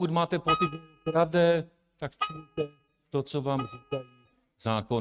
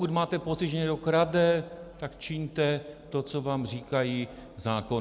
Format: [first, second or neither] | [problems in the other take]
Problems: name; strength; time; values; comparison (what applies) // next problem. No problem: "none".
second | noise reduction (neural mask model RNNoise)